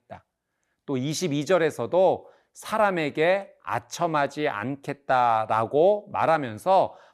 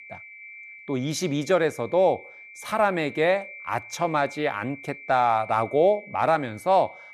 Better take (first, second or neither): first